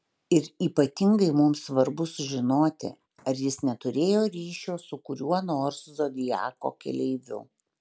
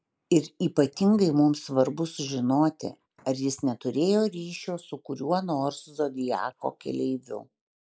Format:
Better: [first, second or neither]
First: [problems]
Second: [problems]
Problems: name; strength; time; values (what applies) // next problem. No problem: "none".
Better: first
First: none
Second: noise reduction (neural mask model Resemble Enhance denoiser)